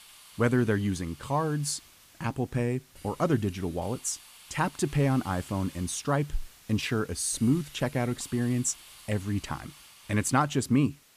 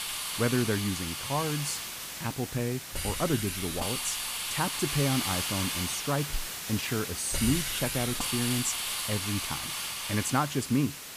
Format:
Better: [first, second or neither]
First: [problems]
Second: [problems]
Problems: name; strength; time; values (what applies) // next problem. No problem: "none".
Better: first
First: hiss; faint; throughout; 20 dB below the speech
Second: hiss; loud; throughout; as loud as the speech